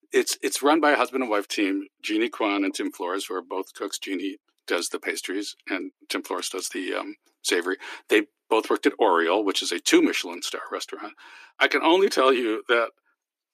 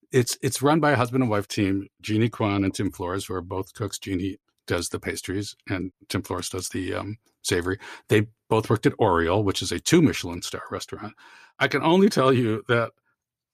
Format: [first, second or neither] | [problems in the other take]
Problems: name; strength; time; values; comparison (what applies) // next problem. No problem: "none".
second | thin; somewhat; fading below 300 Hz